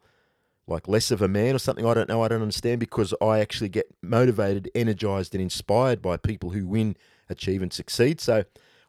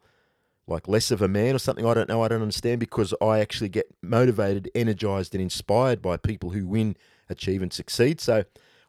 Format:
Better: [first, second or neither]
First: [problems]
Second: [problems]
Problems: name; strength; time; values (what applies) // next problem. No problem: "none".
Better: neither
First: none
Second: none